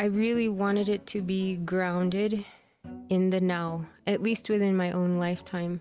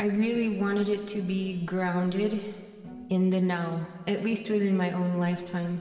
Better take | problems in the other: first | room echo; dies away in 2.1 s

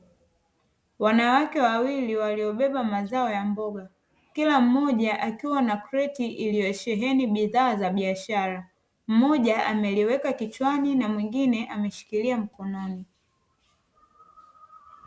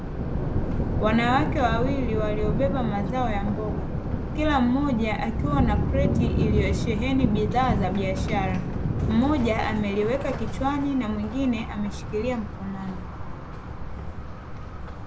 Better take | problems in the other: first | background sound (Thunder); as loud as the speech

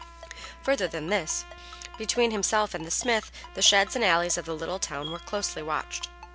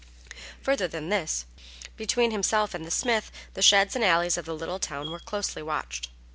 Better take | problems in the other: second | background sound (Trumpet + Ringtone); 19 dB below the speech

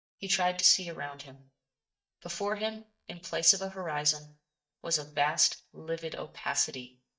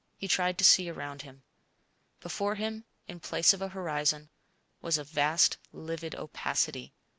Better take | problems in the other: second | noise reduction (neural mask model DeepFilterNet 3)

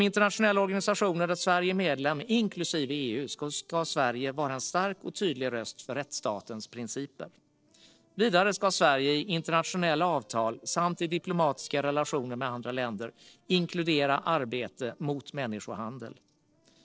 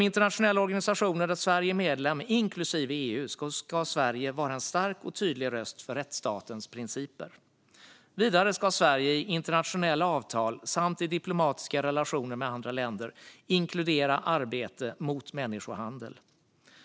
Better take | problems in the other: second | noise reduction (neural separator model SepFormer DNS4)

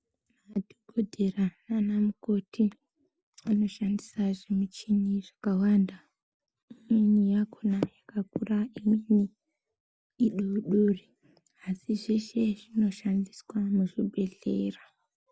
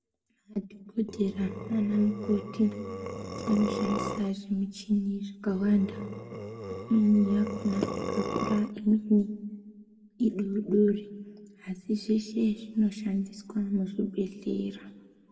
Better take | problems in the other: first | background sound (Burping, eructation); 7 dB below the speech // room echo; dies away in 1 s

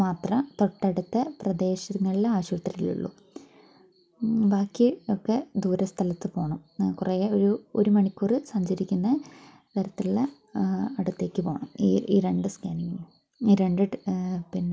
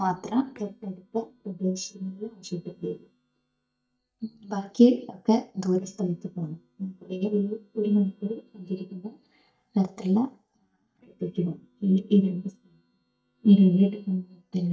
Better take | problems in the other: first | noise reduction (neural mask model DeepFilterNet 3)

